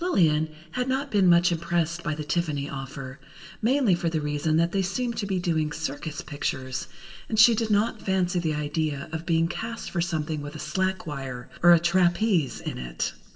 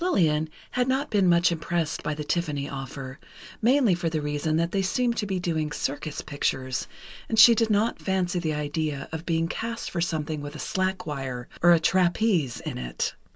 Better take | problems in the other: second | room echo; dies away in 1.3 s

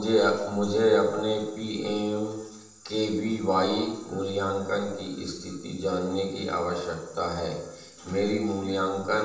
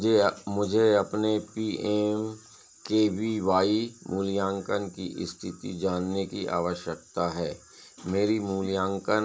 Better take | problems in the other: second | room echo; dies away in 0.8 s

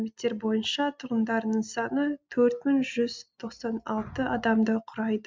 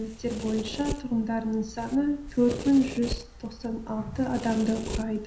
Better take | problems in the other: first | background sound (Domestic sounds, home sounds); 10 dB below the speech // room echo; dies away in 0.5 s

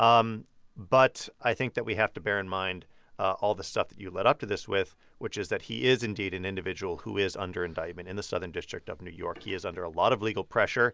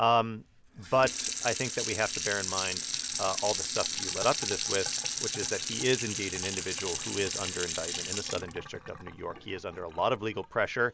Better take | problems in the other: first | background sound (Sink (filling or washing) / Water tap, faucet); 4 dB below the speech

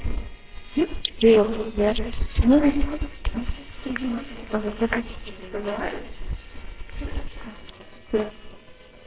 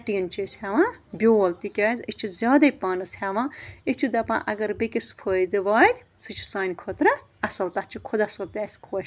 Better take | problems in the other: second | noise reduction (neural separator model SepFormer WHAMR!)

